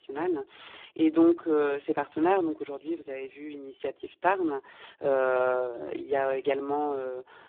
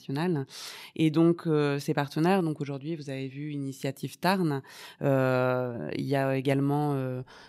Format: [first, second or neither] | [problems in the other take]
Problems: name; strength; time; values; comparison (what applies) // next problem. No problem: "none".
second | phone-call audio; poor line